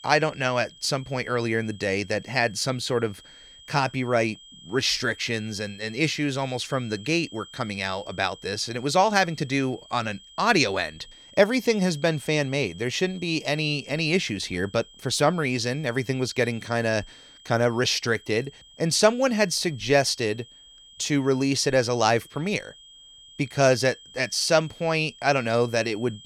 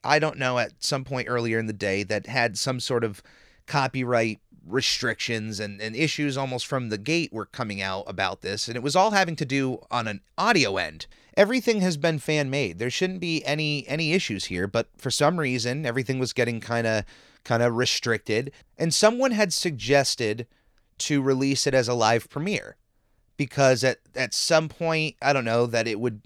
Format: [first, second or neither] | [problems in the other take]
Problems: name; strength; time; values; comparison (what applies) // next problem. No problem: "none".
second | high-pitched whine; faint; throughout; 3 kHz, 20 dB below the speech